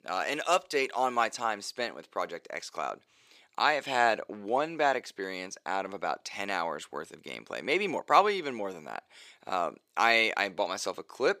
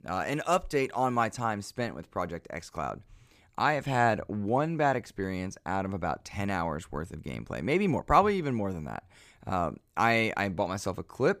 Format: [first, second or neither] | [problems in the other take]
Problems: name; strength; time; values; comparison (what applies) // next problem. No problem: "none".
second | thin; somewhat; fading below 400 Hz